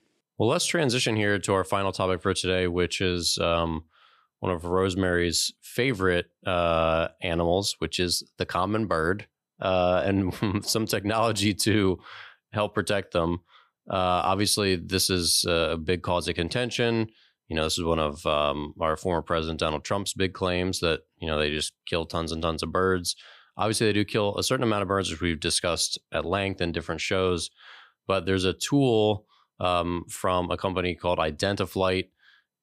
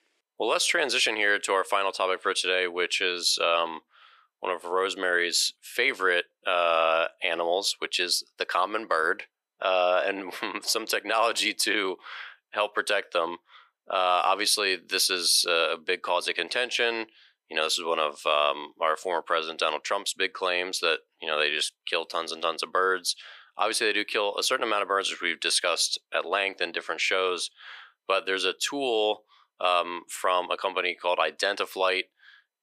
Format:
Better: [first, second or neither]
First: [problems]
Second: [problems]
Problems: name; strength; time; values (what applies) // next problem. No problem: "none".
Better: first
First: none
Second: thin; very; fading below 450 Hz